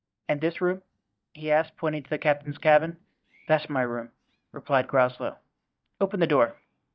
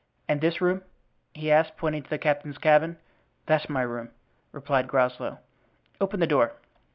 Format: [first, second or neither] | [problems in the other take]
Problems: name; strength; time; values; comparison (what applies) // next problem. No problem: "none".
second | noise reduction (neural mask model DeepFilterNet 3)